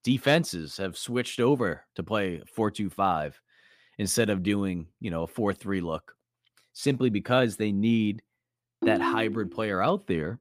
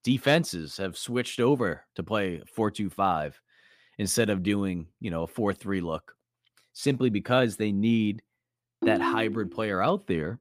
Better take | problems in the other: neither | phone ringing; noticeable; at 9 s; peak level with the speech; the same in both

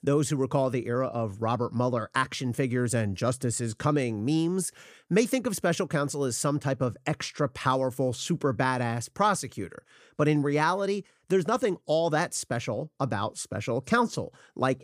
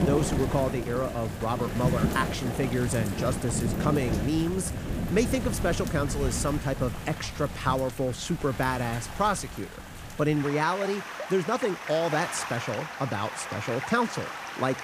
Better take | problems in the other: first | rain or running water; loud; throughout; 5 dB below the speech

